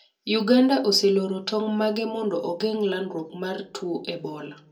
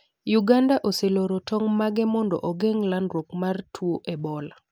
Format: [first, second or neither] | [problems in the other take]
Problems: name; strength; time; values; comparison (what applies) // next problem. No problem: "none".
second | room echo; dies away in 0.2 s